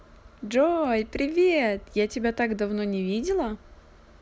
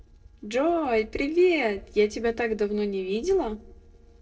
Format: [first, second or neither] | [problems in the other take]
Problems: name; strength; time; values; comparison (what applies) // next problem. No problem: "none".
first | noise reduction (neural separator model SepFormer DNS4)